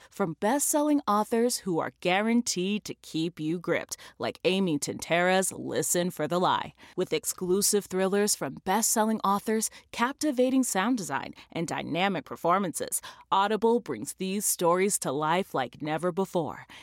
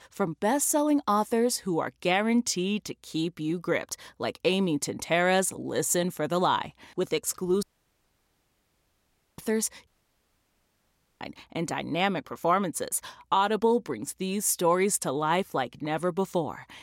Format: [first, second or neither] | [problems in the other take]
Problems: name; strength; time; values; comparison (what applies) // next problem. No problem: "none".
first | audio cutting out; at 7.5 s for 2 s and at 10 s for 1.5 s